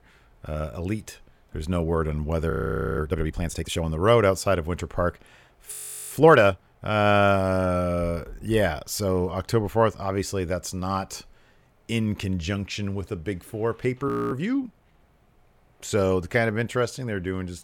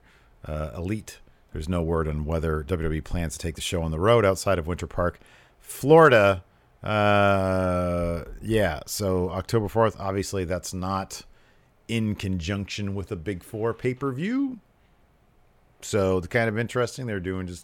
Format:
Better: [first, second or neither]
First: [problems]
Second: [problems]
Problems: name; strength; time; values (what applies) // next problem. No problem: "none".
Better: second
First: audio freezing; at 2.5 s, at 5.5 s and at 14 s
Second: none